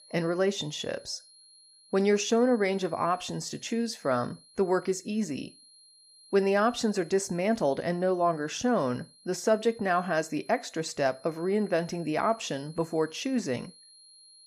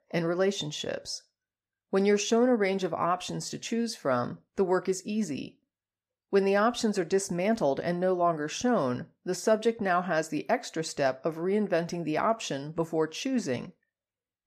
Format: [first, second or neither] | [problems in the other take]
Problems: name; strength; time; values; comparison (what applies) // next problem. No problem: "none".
second | high-pitched whine; faint; throughout; 4 kHz, 25 dB below the speech